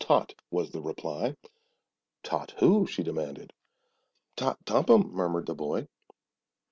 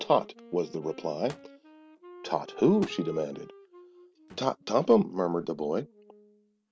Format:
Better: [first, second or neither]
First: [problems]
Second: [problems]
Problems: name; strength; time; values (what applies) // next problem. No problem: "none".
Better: first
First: none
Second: background sound (Thump, thud + Wind instrument, woodwind instrument); 20 dB below the speech